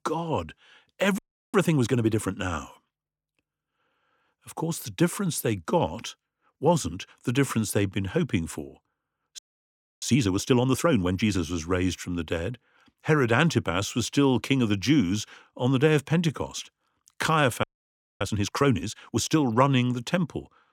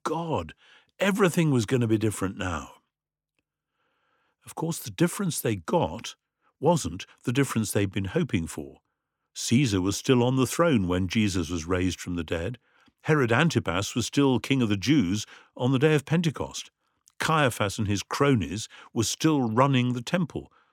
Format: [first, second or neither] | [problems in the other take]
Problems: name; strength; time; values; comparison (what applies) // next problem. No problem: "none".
second | audio freezing; at 1 s, at 9.5 s for 0.5 s and at 18 s for 0.5 s